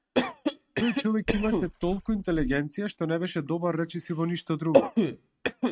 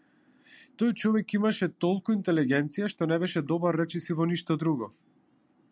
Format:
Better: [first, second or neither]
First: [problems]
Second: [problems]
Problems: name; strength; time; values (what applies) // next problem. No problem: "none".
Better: second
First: noise reduction (neural mask model RNNoise)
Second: none